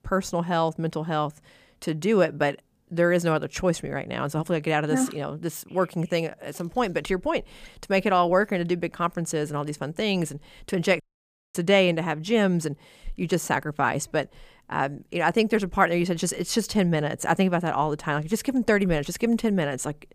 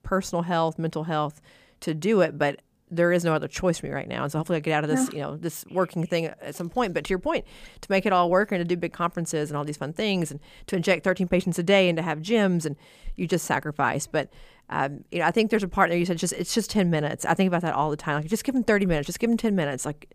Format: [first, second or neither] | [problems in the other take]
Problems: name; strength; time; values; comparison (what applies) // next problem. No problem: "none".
second | audio cutting out; at 11 s for 0.5 s